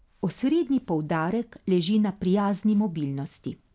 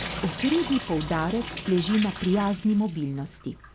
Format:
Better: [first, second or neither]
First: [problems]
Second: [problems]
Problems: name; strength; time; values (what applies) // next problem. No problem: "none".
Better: first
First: none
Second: background sound (Drip / Sink (filling or washing)); 11 dB below the speech